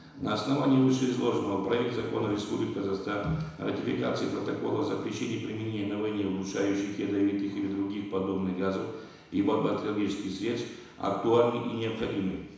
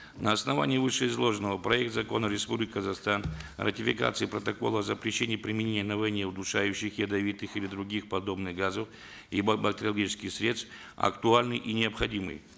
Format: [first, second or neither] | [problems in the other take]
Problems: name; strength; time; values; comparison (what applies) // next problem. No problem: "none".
second | room echo; dies away in 1 s